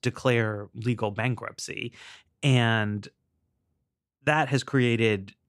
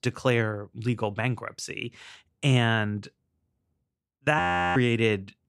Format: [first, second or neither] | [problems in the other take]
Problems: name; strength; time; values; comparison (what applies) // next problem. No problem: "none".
first | audio freezing; at 4.5 s